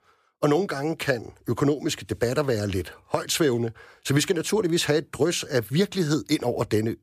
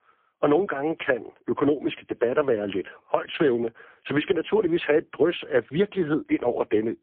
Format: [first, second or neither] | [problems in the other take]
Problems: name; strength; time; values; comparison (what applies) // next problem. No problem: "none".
first | phone-call audio; poor line